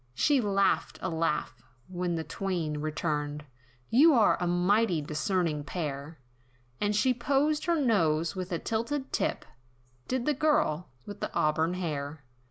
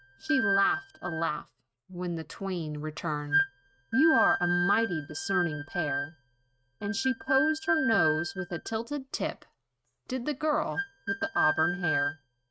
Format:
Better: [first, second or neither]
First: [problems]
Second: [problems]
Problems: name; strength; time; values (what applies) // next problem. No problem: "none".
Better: first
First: none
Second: noise reduction (neural mask model RNNoise)